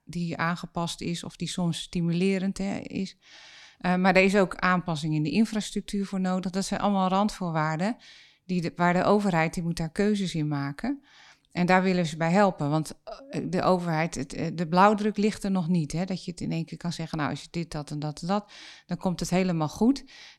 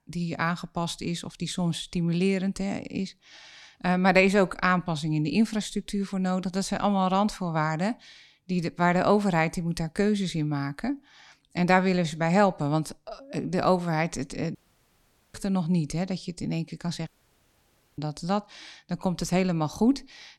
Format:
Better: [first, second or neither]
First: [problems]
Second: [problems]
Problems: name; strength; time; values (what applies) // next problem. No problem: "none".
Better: first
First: none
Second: audio cutting out; at 15 s for 1 s and at 17 s for 1 s